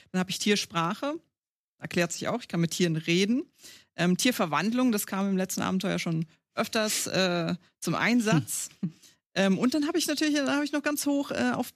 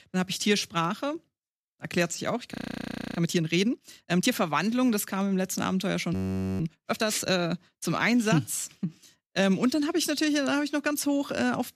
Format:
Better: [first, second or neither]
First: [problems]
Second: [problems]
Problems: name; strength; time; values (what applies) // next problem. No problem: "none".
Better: first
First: none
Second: audio freezing; at 2.5 s for 0.5 s and at 6 s